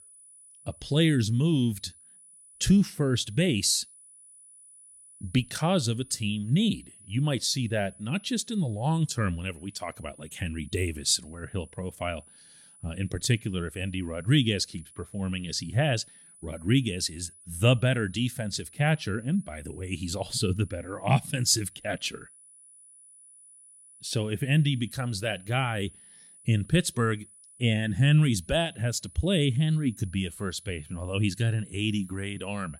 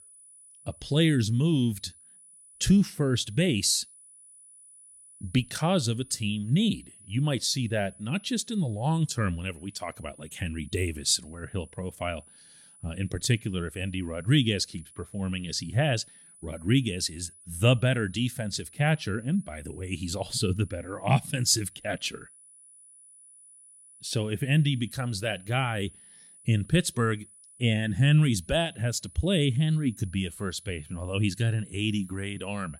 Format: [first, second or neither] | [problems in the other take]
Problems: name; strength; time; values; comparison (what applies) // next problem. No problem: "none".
neither | high-pitched whine; faint; throughout; 10 kHz, 25 dB below the speech; the same in both